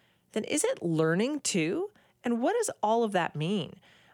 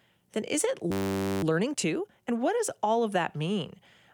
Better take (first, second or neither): first